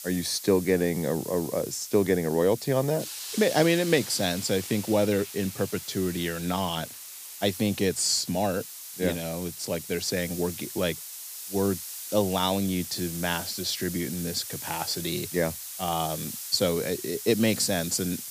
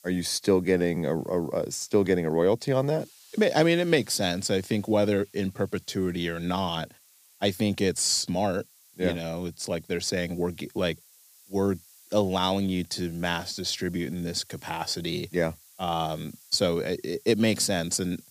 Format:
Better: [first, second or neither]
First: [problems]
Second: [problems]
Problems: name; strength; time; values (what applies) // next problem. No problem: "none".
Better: second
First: hiss; loud; throughout; 9 dB below the speech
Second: hiss; faint; throughout; 25 dB below the speech